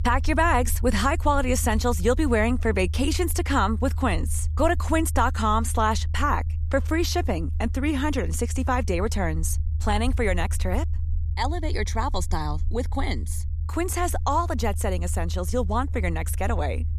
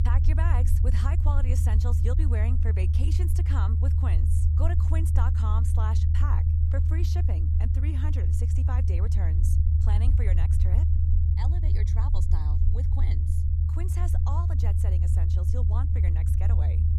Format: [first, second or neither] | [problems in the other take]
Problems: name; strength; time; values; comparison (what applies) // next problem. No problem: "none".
first | low rumble; loud; throughout; as loud as the speech; faint in the first